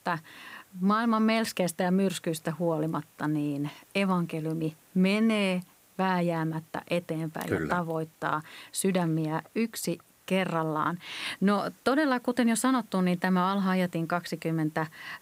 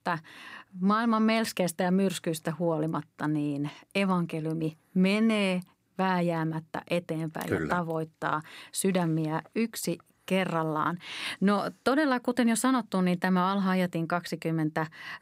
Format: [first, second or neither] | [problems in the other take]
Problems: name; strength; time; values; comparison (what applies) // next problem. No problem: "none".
second | hiss; faint; throughout; 30 dB below the speech